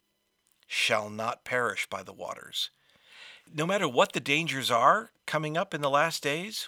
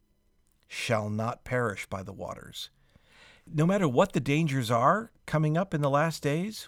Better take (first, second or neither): second